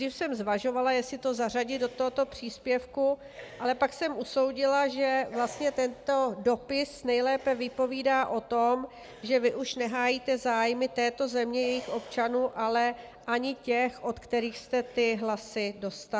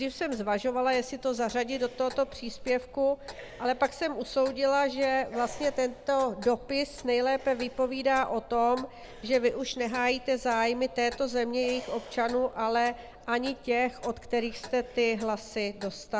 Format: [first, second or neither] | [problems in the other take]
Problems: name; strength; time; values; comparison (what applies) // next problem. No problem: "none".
first | background sound (Clock); 19 dB below the speech